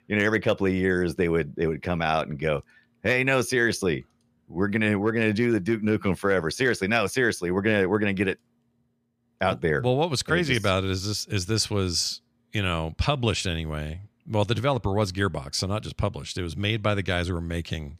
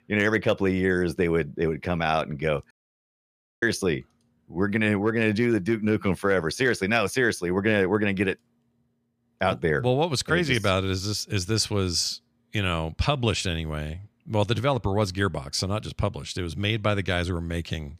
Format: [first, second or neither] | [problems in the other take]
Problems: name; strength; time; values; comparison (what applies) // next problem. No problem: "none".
first | audio cutting out; at 2.5 s for 1 s